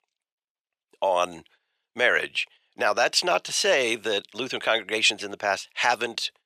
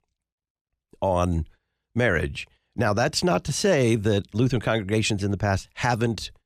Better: second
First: thin; very; fading below 600 Hz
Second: none

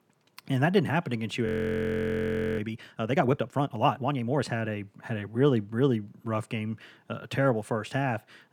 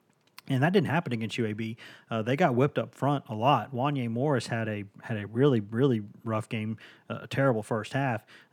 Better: second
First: audio freezing; at 1.5 s for 1 s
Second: none

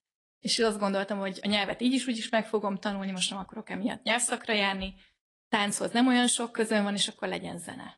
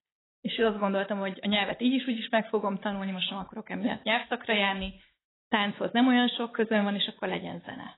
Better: first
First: garbled, watery; slightly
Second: garbled, watery; badly; nothing above 4 kHz

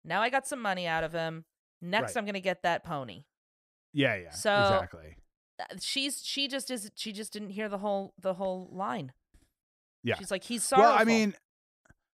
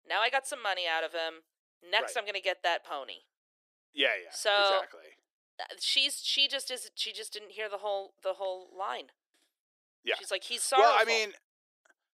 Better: first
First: none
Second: thin; very; fading below 350 Hz

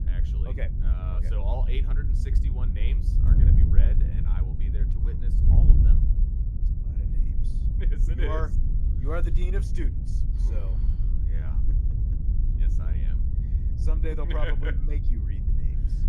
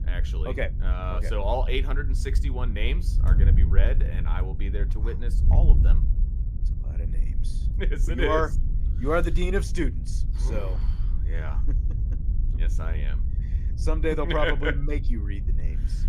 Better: second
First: wind noise on the microphone; heavy; 4 dB below the speech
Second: wind noise on the microphone; occasional gusts; 15 dB below the speech

